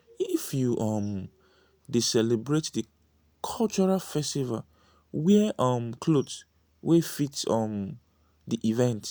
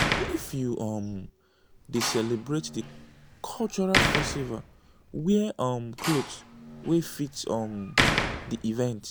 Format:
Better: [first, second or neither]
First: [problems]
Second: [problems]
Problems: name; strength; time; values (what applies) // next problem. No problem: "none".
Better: first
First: none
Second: background sound (Slam); 2 dB below the speech